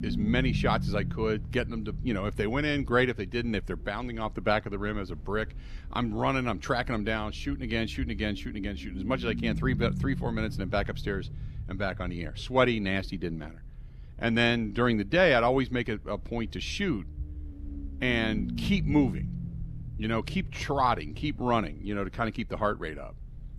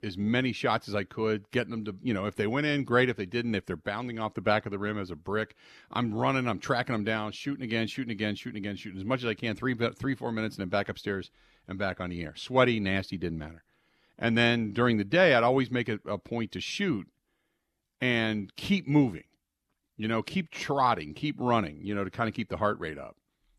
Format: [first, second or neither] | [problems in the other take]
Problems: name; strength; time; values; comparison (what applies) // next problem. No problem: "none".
second | low rumble; noticeable; throughout; 15 dB below the speech